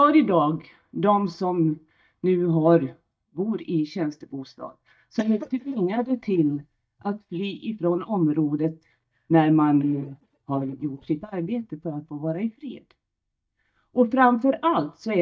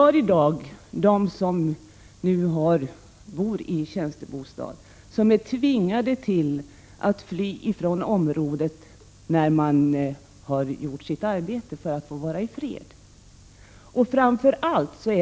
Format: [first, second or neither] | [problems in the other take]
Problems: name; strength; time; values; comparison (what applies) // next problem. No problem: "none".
second | noise reduction (neural mask model DeepFilterNet 3)